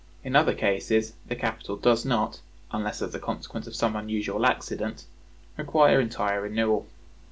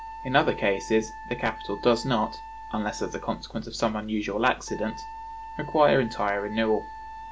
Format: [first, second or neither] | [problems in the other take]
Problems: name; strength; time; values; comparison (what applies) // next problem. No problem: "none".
first | background sound (Wind instrument, woodwind instrument); 14 dB below the speech